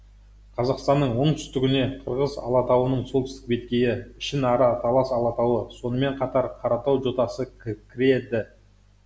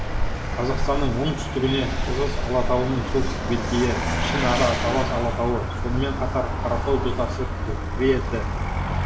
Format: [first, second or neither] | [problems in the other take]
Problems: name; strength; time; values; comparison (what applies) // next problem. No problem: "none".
first | background sound (Vehicle); 1 dB above the speech // room echo; dies away in 0.2 s